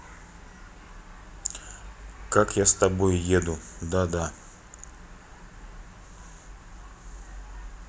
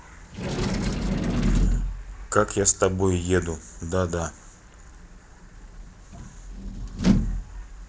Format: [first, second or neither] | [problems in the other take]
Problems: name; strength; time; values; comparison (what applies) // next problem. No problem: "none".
first | noise reduction (neural separator model SepFormer DNS4)